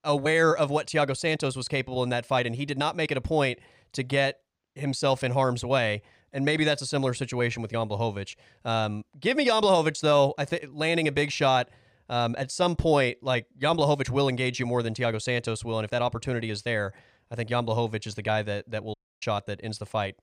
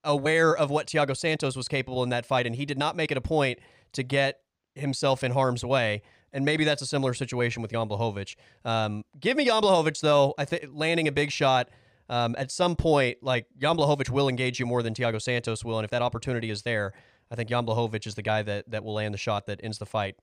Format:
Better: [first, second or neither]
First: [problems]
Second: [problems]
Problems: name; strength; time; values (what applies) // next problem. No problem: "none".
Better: second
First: audio cutting out; at 19 s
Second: none